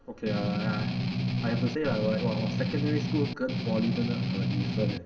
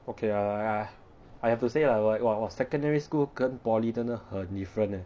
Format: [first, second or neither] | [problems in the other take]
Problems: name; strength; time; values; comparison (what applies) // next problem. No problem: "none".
second | background sound (Strum); 3 dB above the speech // room echo; dies away in 2.1 s